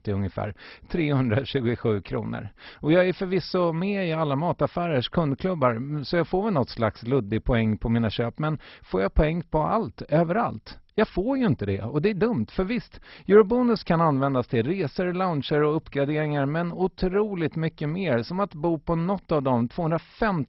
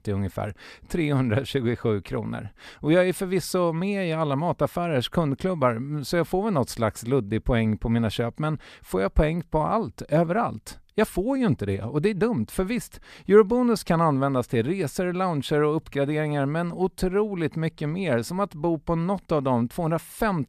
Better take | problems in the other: second | garbled, watery; badly; nothing above 5.5 kHz

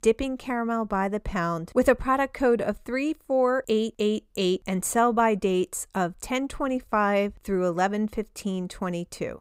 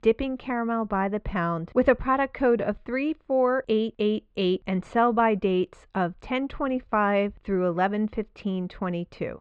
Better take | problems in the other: first | muffled; very; fading above 3.5 kHz

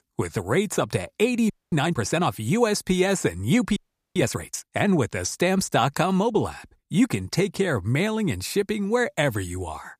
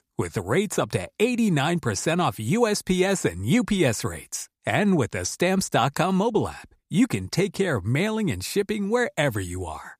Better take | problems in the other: second | audio freezing; at 1.5 s and at 4 s

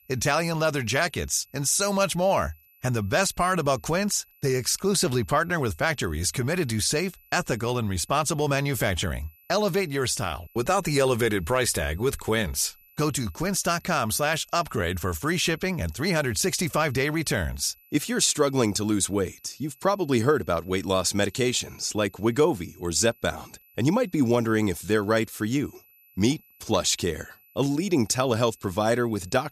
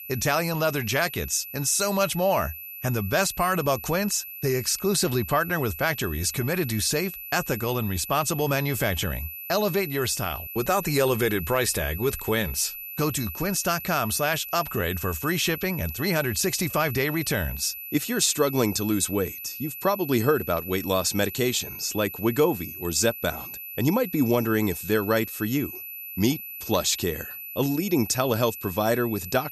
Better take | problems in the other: first | high-pitched whine; loud; throughout; 12 kHz, 10 dB below the speech; faint in the first

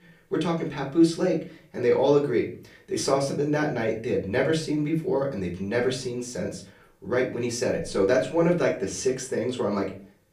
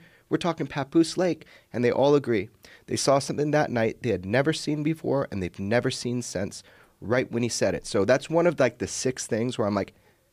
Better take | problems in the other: second | room echo; slight; dies away in 0.3 s // off-mic speech; far

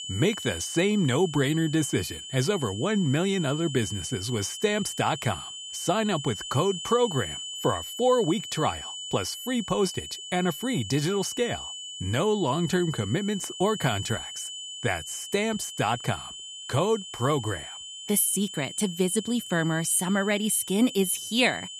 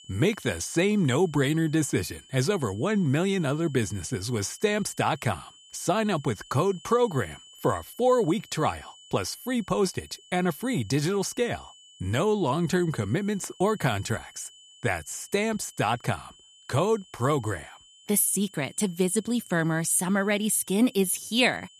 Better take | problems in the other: second | high-pitched whine; loud; throughout; 3 kHz, 9 dB below the speech; faint in the second

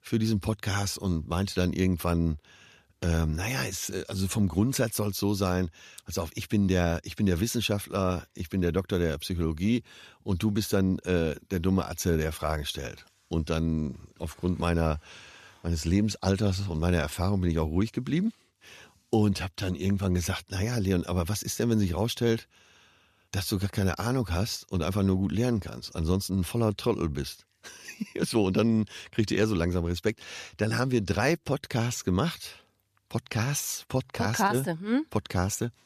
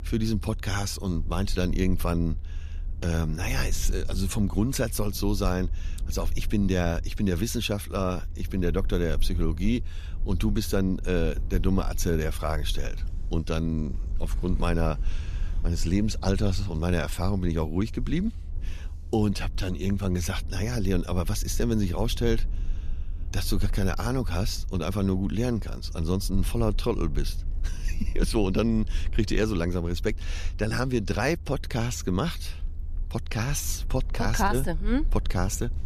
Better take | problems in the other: first | low rumble; faint; throughout; 20 dB below the speech

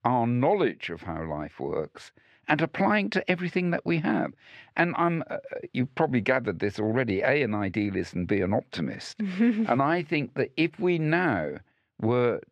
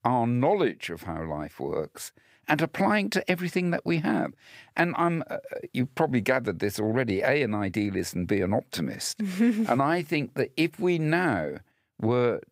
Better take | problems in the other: second | muffled; very slightly; fading above 3 kHz

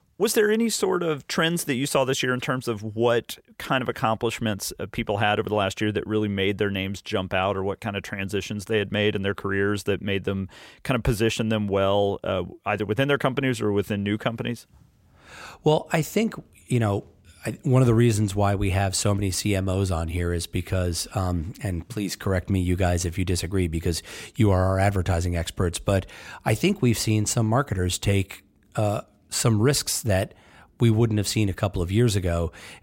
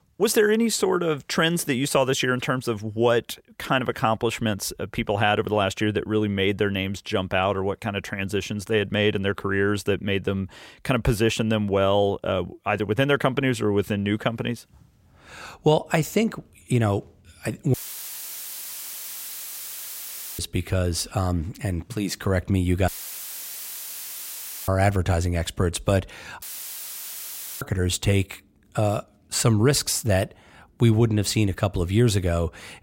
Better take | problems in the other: first | audio cutting out; filled with static; at 18 s for 2.5 s, at 23 s for 2 s and at 26 s for 1 s

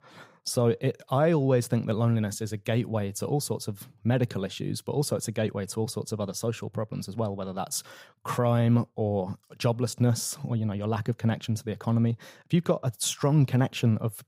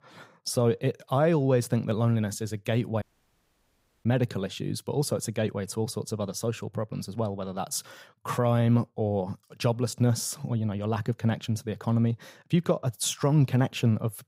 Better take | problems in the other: first | audio cutting out; at 3 s for 1 s

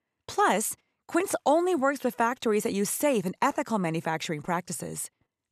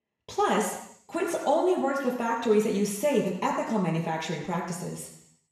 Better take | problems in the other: first | room echo; noticeable; dies away in 0.8 s // off-mic speech; far

